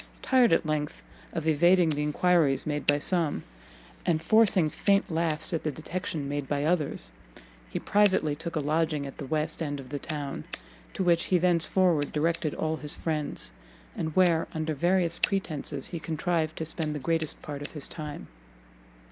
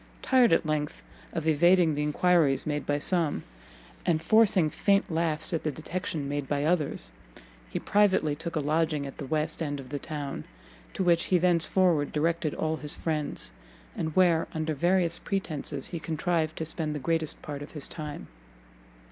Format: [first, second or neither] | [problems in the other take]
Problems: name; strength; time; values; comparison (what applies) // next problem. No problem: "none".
second | background sound (Scissors); 18 dB below the speech